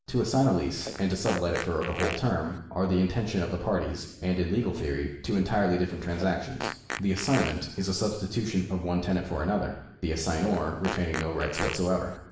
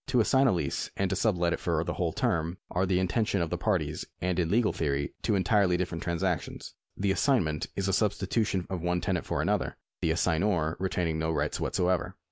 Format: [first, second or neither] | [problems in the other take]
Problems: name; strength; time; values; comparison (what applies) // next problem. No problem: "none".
second | background sound (Fart); 9 dB below the speech // room echo; dies away in 0.9 s